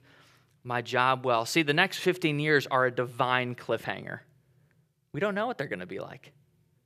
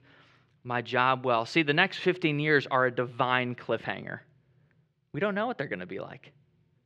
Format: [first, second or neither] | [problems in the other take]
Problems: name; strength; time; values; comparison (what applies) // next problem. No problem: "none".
first | muffled; very slightly; fading above 3 kHz